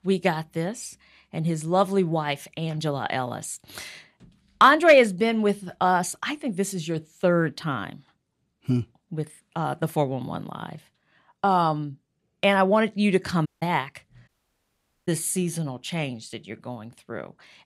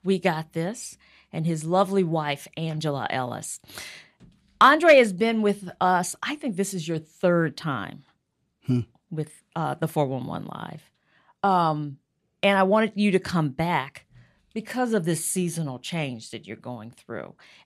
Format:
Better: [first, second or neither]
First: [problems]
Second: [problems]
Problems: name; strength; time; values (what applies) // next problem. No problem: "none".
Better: second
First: audio cutting out; at 13 s and at 14 s for 1 s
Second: none